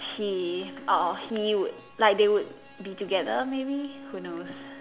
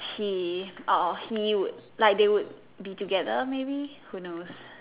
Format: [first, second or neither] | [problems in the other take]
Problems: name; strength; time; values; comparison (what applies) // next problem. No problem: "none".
second | background sound (Bowed string instrument); 17 dB below the speech